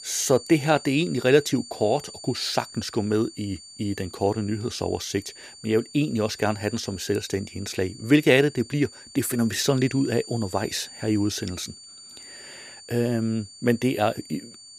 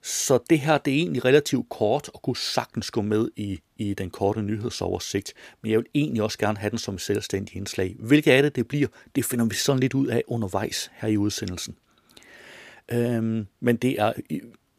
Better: second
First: high-pitched whine; noticeable; throughout; 4.5 kHz, 15 dB below the speech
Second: none

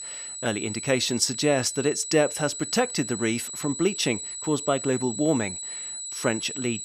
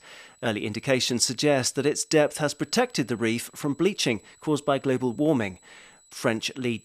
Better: second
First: high-pitched whine; loud; throughout; 8 kHz, 7 dB below the speech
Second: high-pitched whine; faint; throughout; 8 kHz, 30 dB below the speech

